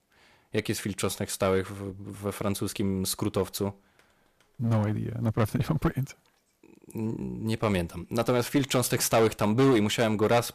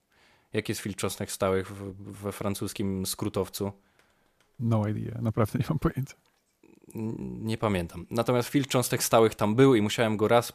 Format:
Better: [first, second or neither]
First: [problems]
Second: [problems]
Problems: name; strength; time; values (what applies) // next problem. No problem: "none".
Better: second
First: distortion; slight; 5% of the sound clipped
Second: none